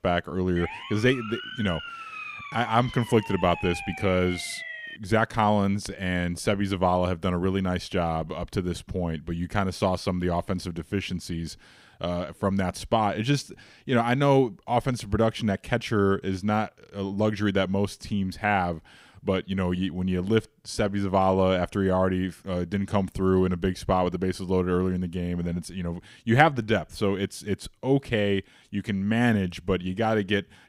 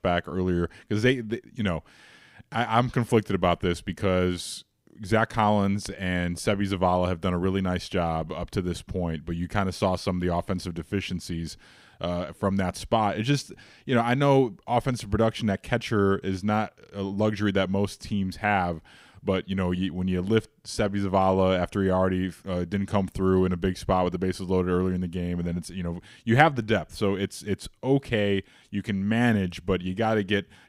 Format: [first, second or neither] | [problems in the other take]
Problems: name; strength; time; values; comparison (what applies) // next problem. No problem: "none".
second | siren; noticeable; from 0.5 to 5 s; peak 8 dB below the speech